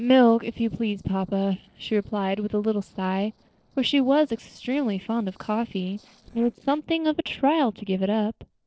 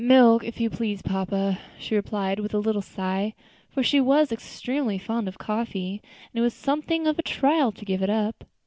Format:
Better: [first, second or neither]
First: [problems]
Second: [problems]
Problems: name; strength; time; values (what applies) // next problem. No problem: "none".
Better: second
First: noise reduction (neural separator model SepFormer DNS4)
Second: none